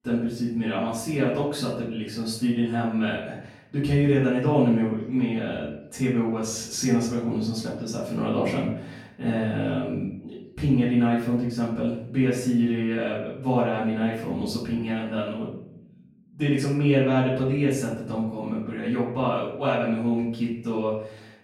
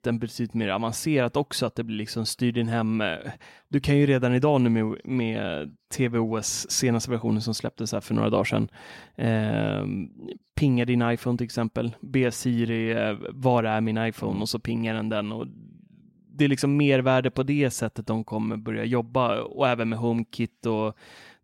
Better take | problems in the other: second | off-mic speech; far // room echo; noticeable; dies away in 0.6 s

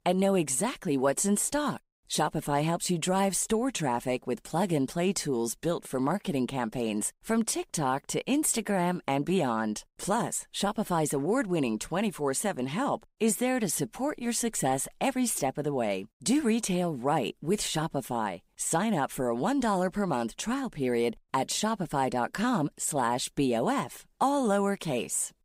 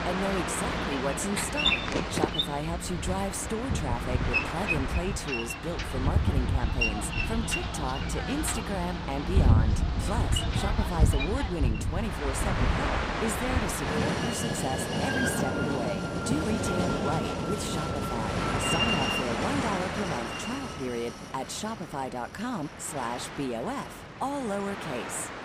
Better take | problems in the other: first | train or aircraft noise; very loud; throughout; 5 dB above the speech

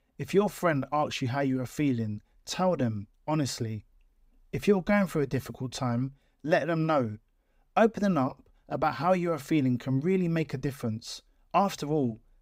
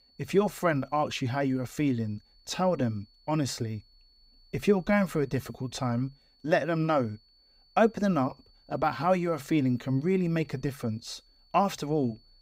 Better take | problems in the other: first | high-pitched whine; faint; throughout; 4.5 kHz, 30 dB below the speech

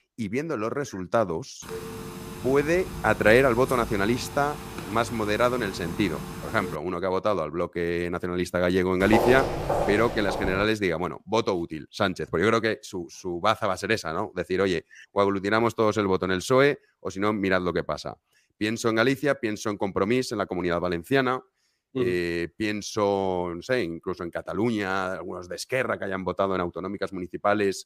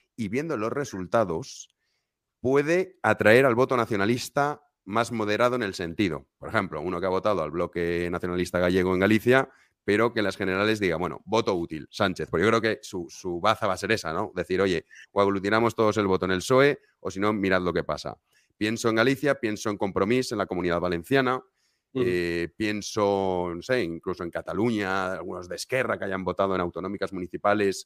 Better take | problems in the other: second | phone ringing; noticeable; from 1.5 to 7 s; peak 10 dB below the speech // footsteps; loud; from 9 to 11 s; peak 2 dB above the speech

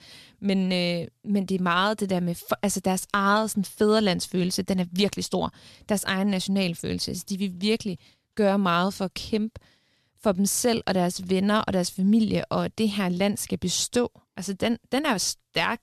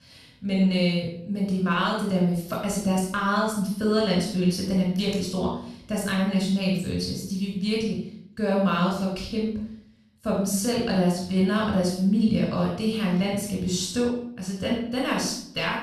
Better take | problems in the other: first | room echo; noticeable; dies away in 0.6 s // off-mic speech; far

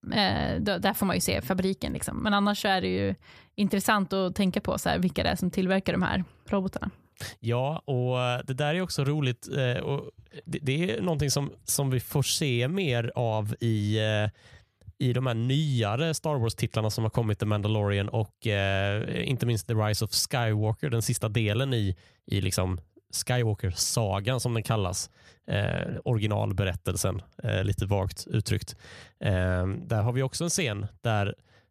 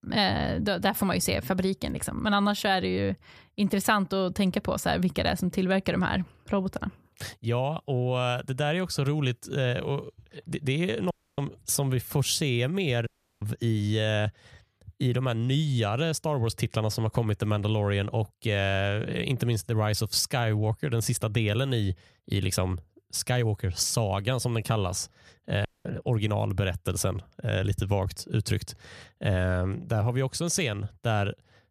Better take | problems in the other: first | audio cutting out; at 11 s, at 13 s and at 26 s

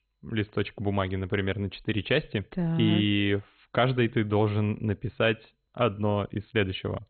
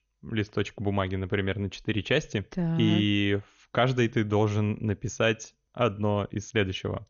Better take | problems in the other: second | garbled, watery; badly; nothing above 3.5 kHz; slightly in the second

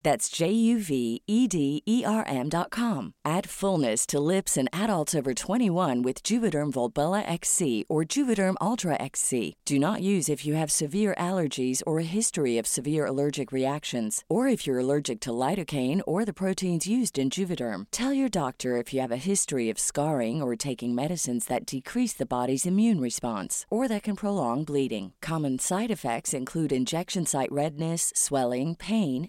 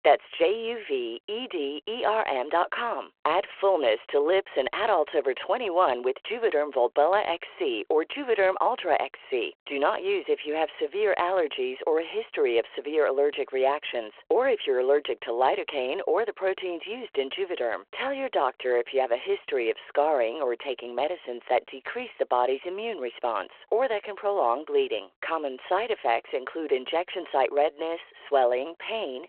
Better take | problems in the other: first | phone-call audio

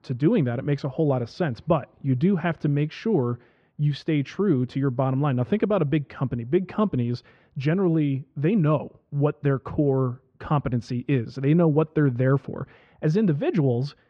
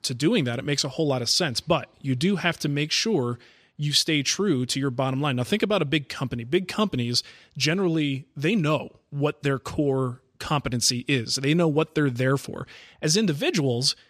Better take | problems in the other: second | muffled; very; fading above 1.5 kHz

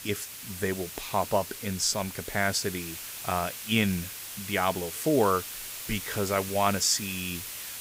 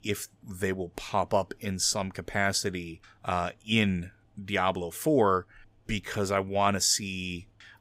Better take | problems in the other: second | hiss; loud; throughout; 8 dB below the speech

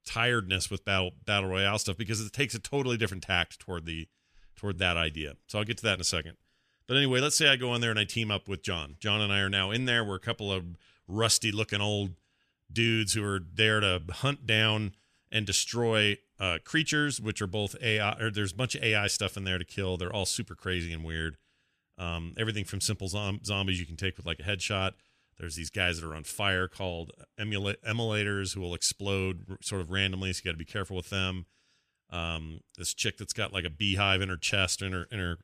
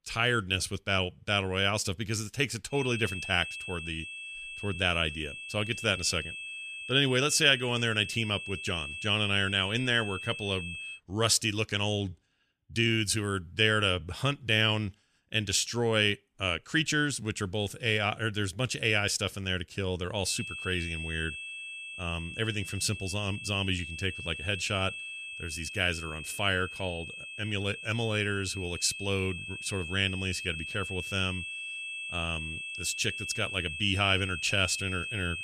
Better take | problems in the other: first | high-pitched whine; loud; from 2.5 to 11 s and from 20 s on; 2.5 kHz, 8 dB below the speech

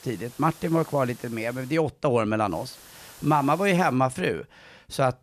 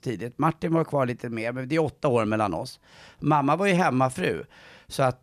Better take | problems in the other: second | hiss; faint; until 2 s and from 2.5 to 4 s; 20 dB below the speech

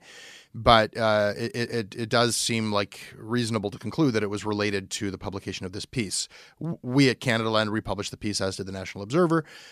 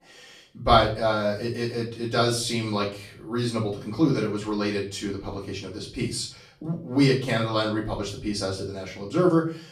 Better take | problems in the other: first | off-mic speech; far // room echo; slight; dies away in 0.4 s

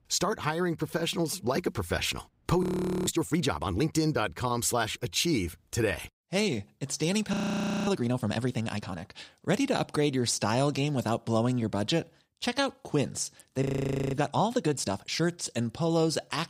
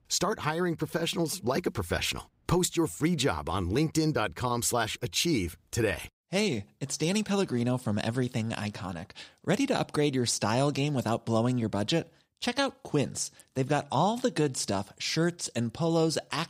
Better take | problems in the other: second | audio freezing; at 2.5 s, at 7.5 s for 0.5 s and at 14 s for 0.5 s

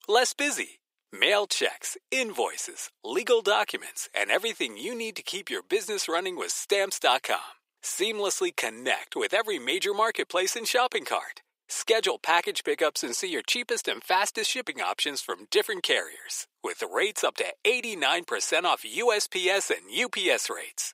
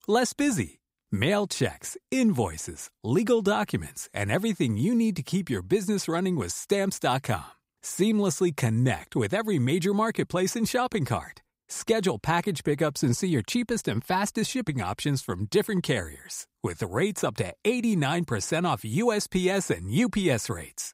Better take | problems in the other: second | thin; very; fading below 400 Hz

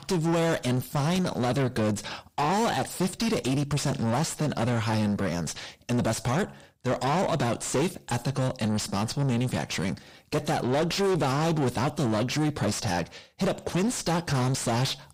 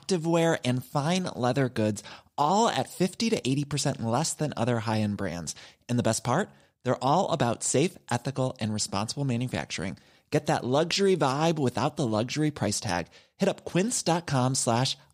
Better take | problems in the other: second | distortion; heavy; 5 dB below the speech

